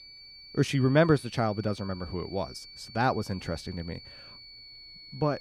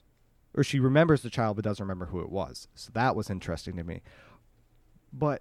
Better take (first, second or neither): second